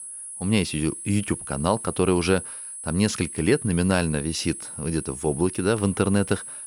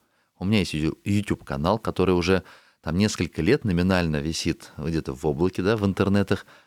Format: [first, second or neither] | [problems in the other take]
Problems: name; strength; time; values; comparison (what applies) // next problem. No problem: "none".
second | high-pitched whine; loud; throughout; 10 kHz, 9 dB below the speech